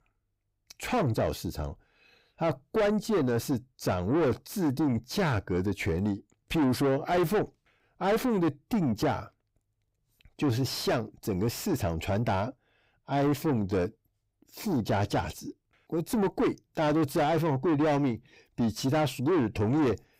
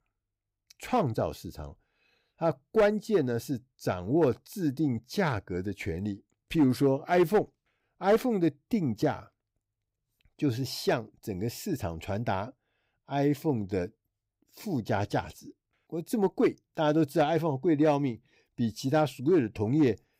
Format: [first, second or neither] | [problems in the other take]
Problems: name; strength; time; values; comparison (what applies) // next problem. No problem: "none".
second | distortion; heavy; 7 dB below the speech